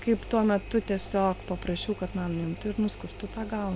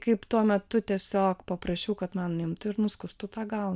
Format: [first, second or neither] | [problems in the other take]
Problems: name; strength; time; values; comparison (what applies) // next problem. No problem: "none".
second | background sound (Engine); 13 dB below the speech